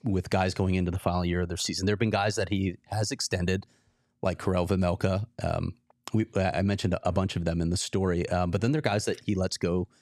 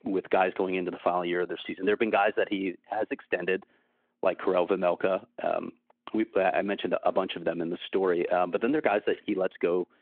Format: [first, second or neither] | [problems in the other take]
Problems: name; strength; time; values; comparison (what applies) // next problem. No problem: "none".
first | phone-call audio